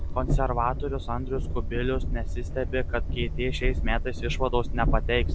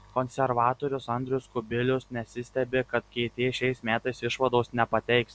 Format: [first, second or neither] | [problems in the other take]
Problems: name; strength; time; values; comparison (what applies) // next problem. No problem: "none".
second | background sound (Train); 3 dB above the speech